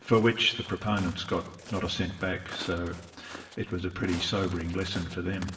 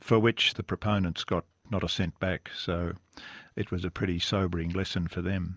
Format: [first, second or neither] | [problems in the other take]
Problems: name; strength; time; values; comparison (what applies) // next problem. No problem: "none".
second | background sound (Walk, footsteps); 16 dB below the speech // room echo; dies away in 0.9 s